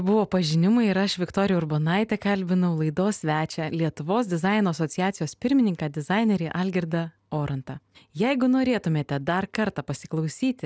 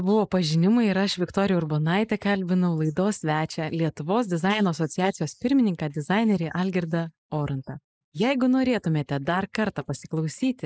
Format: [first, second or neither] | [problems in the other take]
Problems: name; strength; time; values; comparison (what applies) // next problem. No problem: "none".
first | noise reduction (neural mask model Resemble Enhance denoiser)